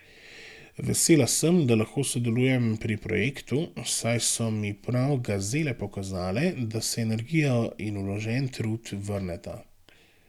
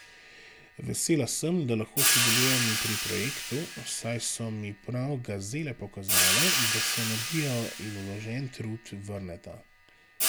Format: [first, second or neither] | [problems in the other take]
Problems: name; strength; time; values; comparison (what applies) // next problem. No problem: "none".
first | background sound (Cymbal); 2 dB above the speech